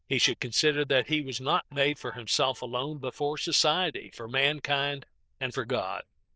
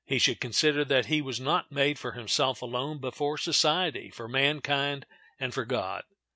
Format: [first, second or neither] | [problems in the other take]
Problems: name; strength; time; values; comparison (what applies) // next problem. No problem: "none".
second | noise reduction (neural diffusion model UNIVERSE++)